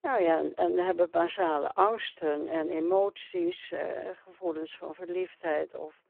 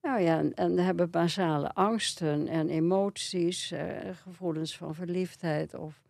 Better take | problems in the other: second | phone-call audio; poor line

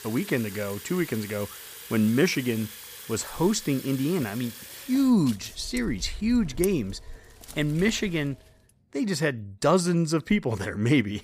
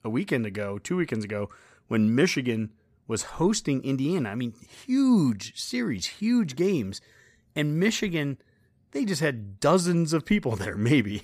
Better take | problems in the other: second | household noises; noticeable; until 8.5 s; 15 dB below the speech

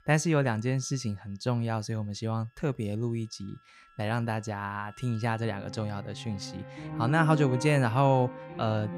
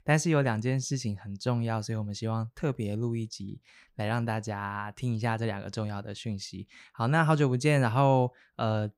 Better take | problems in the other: second | background music; noticeable; throughout; 10 dB below the speech

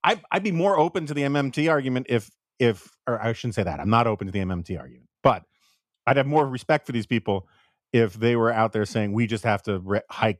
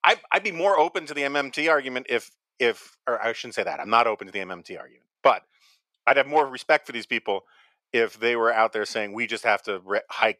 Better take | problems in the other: first | thin; very; fading below 500 Hz

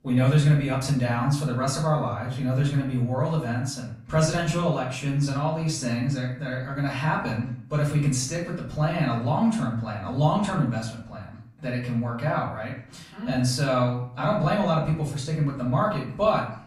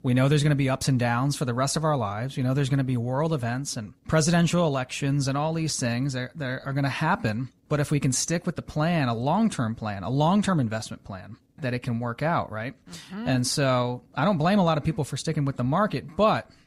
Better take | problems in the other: second | room echo; slight; dies away in 0.5 s // off-mic speech; far

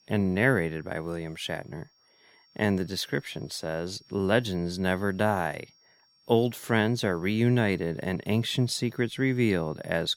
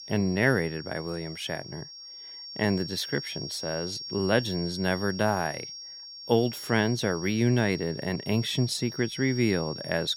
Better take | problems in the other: first | high-pitched whine; loud; throughout; 5.5 kHz, 10 dB below the speech; faint in the first

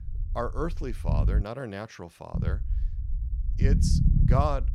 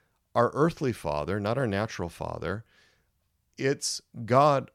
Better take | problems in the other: second | low rumble; loud; until 1.5 s and from 2.5 s on; 6 dB below the speech

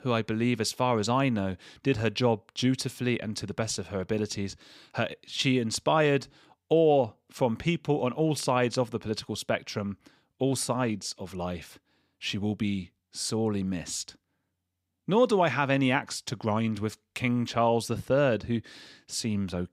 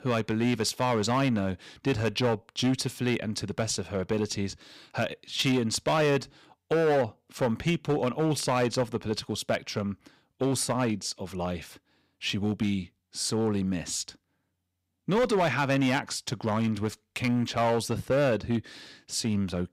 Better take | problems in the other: first | distortion; slight; 6% of the sound clipped

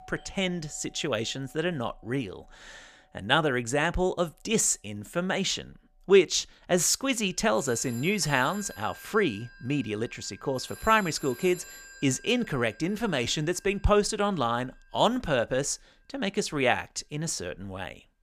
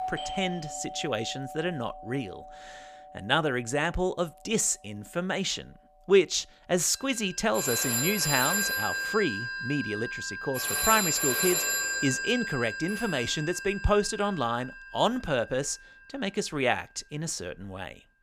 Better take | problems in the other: first | alarms or sirens; loud; throughout; 1 dB below the speech; faint in the first

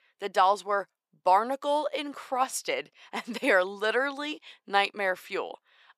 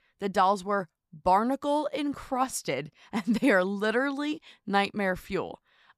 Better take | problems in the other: second | thin; somewhat; fading below 500 Hz

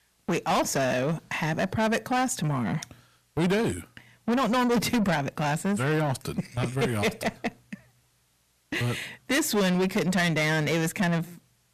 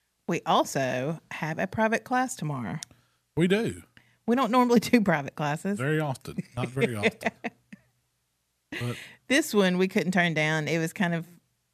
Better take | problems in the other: second | distortion; heavy; 6 dB below the speech

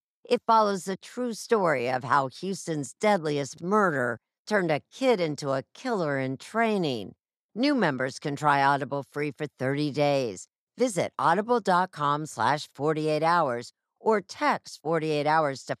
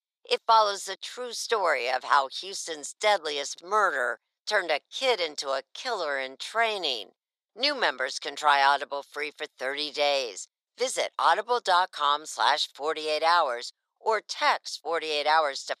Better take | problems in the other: first | thin; very; fading below 500 Hz

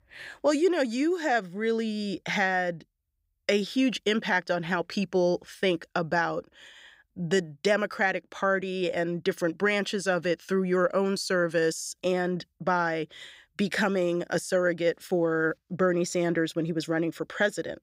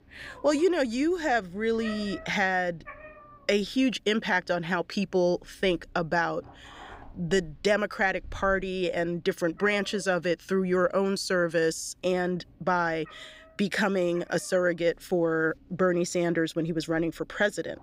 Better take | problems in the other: first | animal sounds; faint; throughout; 20 dB below the speech

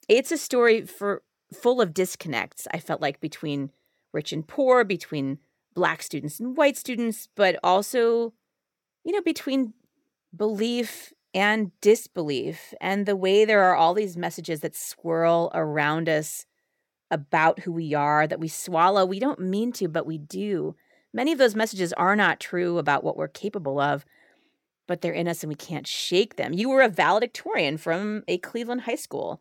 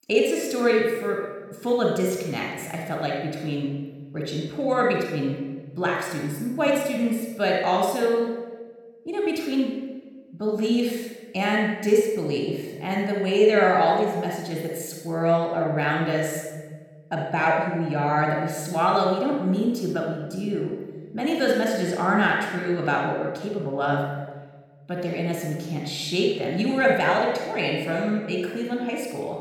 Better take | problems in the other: first | off-mic speech; somewhat distant // room echo; noticeable; dies away in 1.2 s

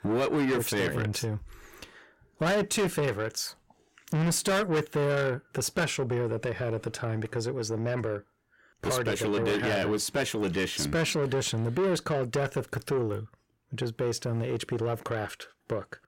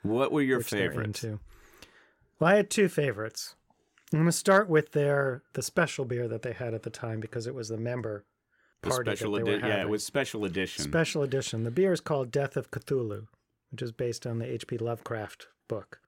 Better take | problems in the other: second | distortion; heavy; 7 dB below the speech

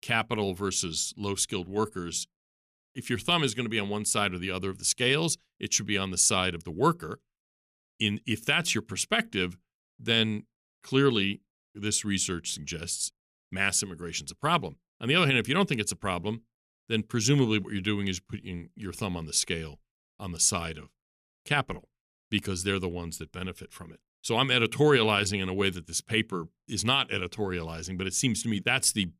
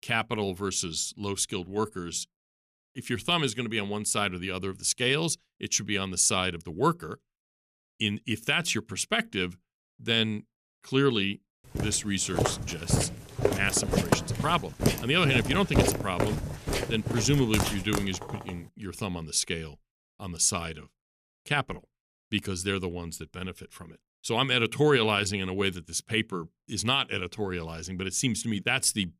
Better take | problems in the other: first | footsteps; loud; from 12 to 18 s; peak 2 dB above the speech

